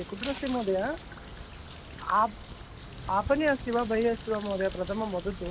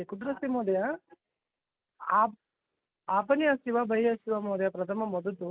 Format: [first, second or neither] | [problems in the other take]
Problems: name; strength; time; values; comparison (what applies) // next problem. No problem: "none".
second | background sound (Bird); 12 dB below the speech